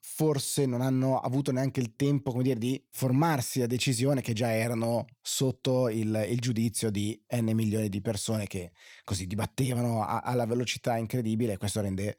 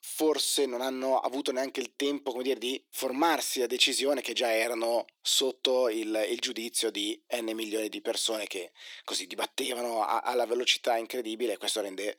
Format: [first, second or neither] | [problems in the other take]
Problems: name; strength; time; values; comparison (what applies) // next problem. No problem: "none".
first | thin; somewhat; fading below 300 Hz